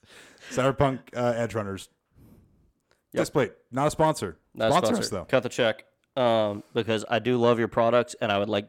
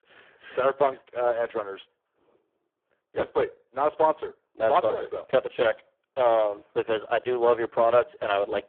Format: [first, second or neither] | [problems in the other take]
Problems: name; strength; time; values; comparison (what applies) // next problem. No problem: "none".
first | phone-call audio; poor line